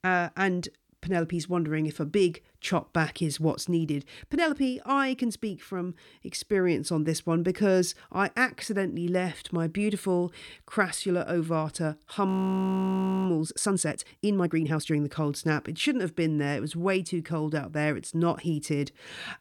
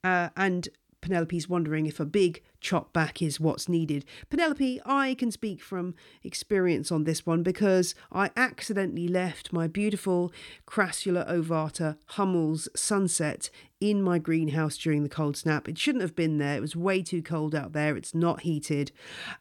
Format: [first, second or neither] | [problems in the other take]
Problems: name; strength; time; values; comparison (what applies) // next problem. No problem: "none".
second | audio freezing; at 12 s for 1 s